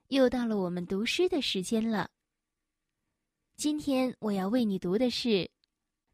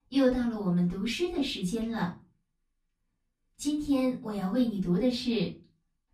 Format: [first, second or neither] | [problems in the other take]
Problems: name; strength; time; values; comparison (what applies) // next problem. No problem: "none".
first | off-mic speech; far // room echo; slight; dies away in 0.3 s